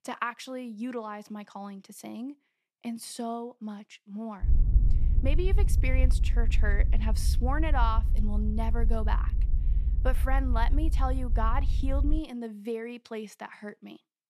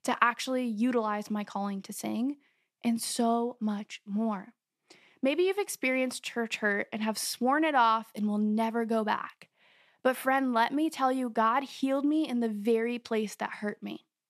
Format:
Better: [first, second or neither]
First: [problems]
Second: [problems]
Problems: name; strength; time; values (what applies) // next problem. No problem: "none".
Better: second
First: low rumble; noticeable; from 4.5 to 12 s; 15 dB below the speech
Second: none